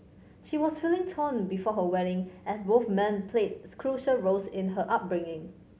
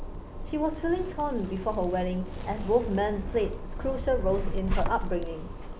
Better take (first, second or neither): first